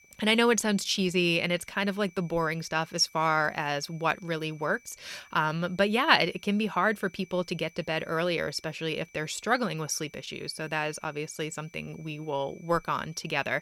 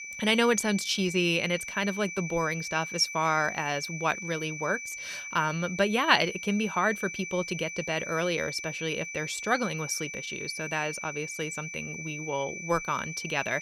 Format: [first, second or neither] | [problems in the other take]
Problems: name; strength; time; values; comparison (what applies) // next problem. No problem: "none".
first | high-pitched whine; loud; throughout; 2.5 kHz, 8 dB below the speech; faint in the first